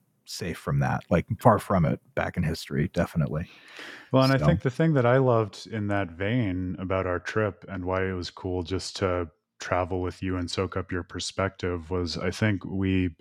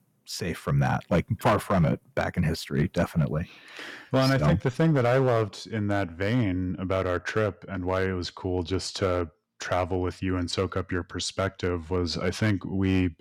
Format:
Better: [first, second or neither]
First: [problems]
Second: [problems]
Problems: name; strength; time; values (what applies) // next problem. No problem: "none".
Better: first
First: none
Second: distortion; slight; 3% of the sound clipped